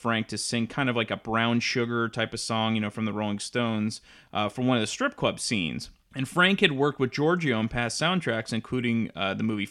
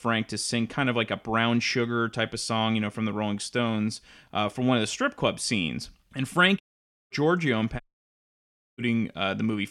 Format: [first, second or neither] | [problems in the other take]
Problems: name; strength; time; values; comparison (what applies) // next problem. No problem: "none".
first | audio cutting out; at 6.5 s for 0.5 s and at 8 s for 1 s